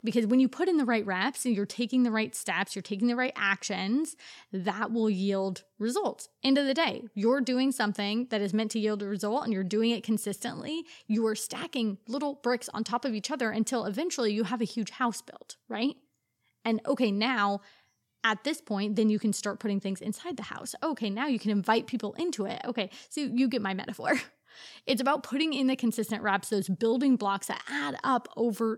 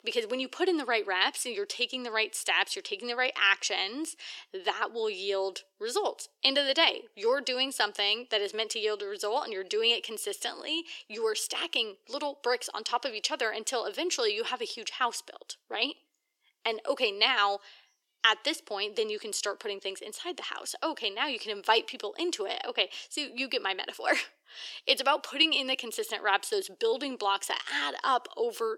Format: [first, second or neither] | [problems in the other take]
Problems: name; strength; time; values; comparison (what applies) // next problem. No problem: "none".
first | thin; very; fading below 350 Hz